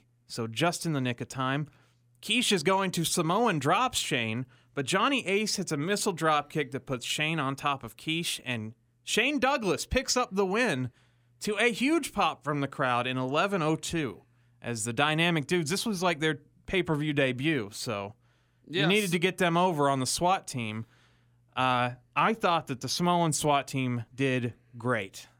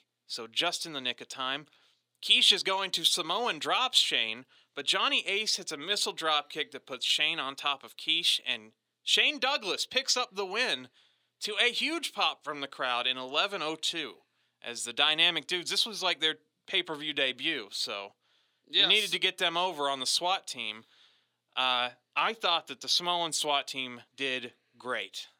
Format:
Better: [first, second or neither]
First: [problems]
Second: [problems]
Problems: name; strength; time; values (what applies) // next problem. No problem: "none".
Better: first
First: none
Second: thin; somewhat; fading below 400 Hz